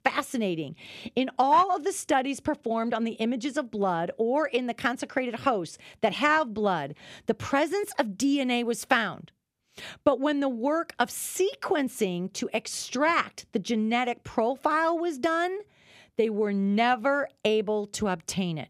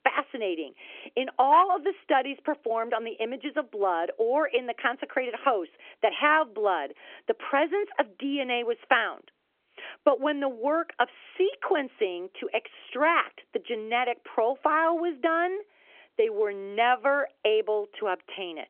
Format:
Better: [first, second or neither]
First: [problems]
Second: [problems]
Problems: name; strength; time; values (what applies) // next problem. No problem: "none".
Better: first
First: none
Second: phone-call audio; nothing above 3.5 kHz